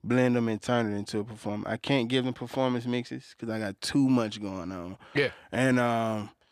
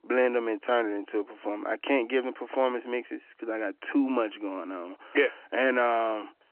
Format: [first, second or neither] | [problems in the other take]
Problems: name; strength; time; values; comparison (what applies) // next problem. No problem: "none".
first | phone-call audio